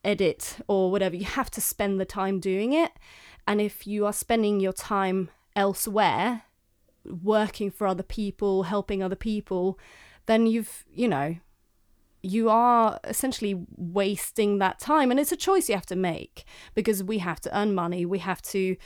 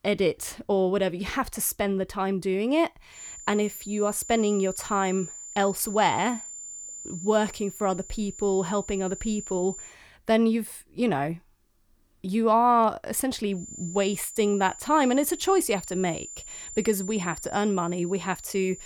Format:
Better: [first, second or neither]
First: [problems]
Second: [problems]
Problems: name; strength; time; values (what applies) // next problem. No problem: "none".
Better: first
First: none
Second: high-pitched whine; noticeable; from 3 to 10 s and from 14 s on; 7 kHz, 10 dB below the speech